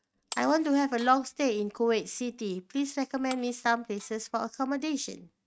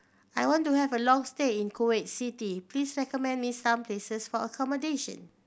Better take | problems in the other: second | noise reduction (neural mask model RNNoise)

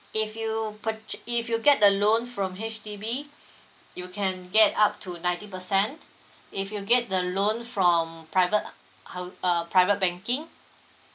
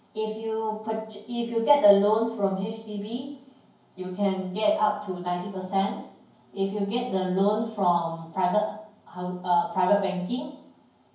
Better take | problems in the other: first | room echo; dies away in 0.9 s

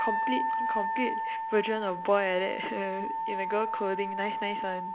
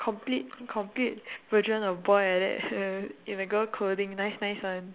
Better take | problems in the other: second | background sound (Wind instrument, woodwind instrument); 1 dB below the speech

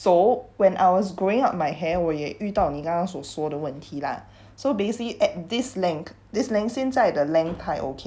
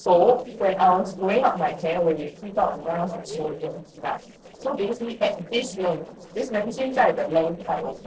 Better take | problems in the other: first | noise reduction (neural separator model SepFormer DNS4)

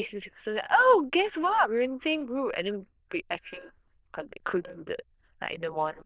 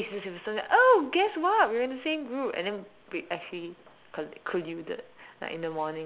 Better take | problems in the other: second | noise reduction (neural diffusion model UNIVERSE++)

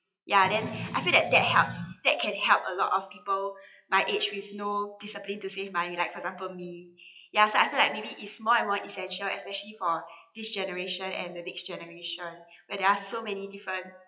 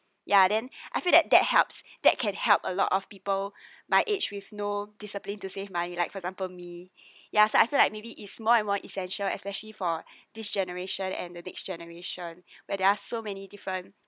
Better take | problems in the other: second | noise reduction (classical method WPE with log-MMSE)

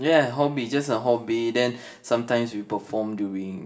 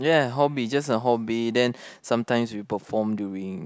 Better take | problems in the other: second | room echo; dies away in 0.5 s

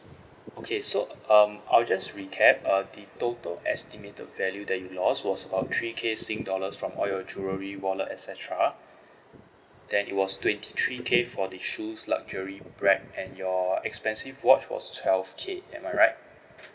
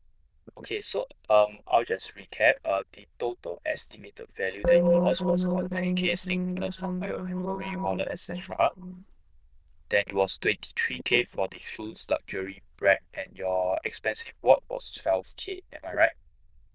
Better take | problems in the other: first | noise reduction (neural diffusion model UNIVERSE++)

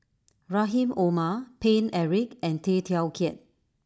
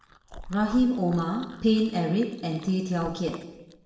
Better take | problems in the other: first | background sound (Chewing, mastication); 19 dB below the speech // room echo; dies away in 0.9 s

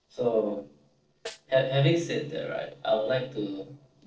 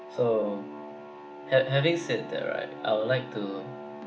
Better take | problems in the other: second | noise reduction (neural separator model SepFormer DNS4)

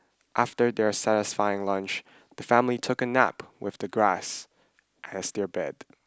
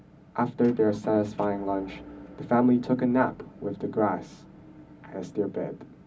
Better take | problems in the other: first | background sound (Motor vehicle (road) / Engine); 19 dB below the speech // room echo; dies away in 0.4 s

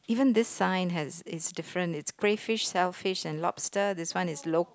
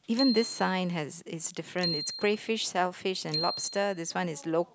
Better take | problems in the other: first | background sound (Bicycle bell); 9 dB below the speech

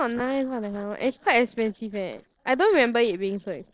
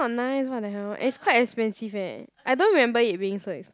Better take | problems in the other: second | noise reduction (neural separator model SepFormer DNS4)

